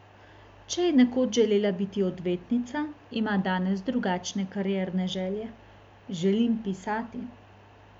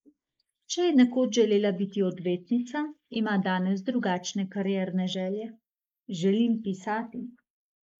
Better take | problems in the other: first | noise reduction (neural mask model Resemble Enhance denoiser)

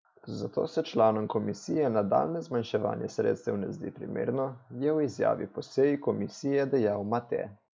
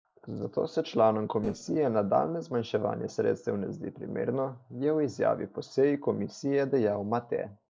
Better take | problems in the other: first | noise reduction (neural separator model SepFormer DNS4)

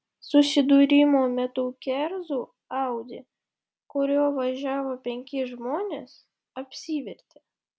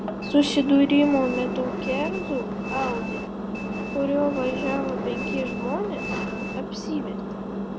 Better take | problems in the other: first | background sound (Engine + Train); 4 dB below the speech

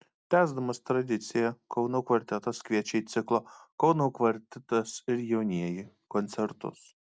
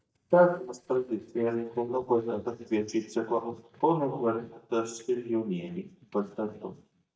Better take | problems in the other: first | noise reduction (neural mask model DeepFilterNet 3)

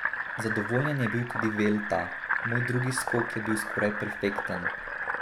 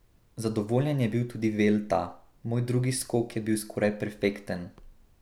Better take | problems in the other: second | background sound (Fill (with liquid)); 2 dB below the speech

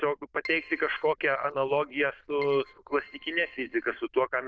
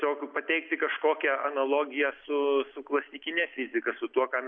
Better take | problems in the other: second | noise reduction (neural diffusion model UNIVERSE++)

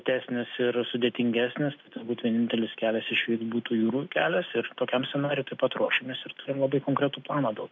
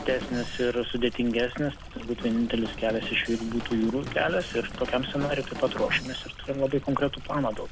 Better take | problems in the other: first | background sound (Stream + Drum kit); 10 dB below the speech

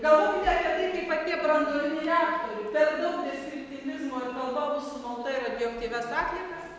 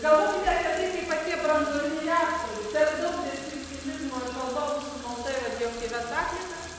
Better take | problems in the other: first | background sound (Sink (filling or washing) / Water tap, faucet); 15 dB below the speech

